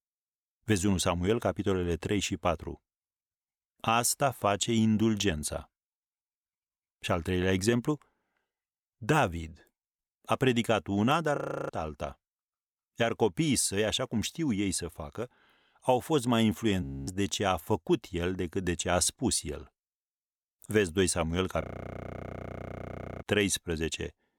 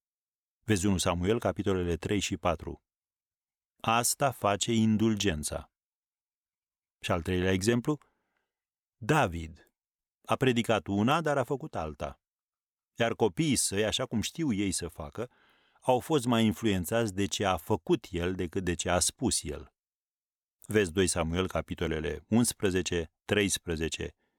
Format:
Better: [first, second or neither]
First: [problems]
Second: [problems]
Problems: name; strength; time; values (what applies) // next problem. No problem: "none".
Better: second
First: audio freezing; at 11 s, at 17 s and at 22 s for 1.5 s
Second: none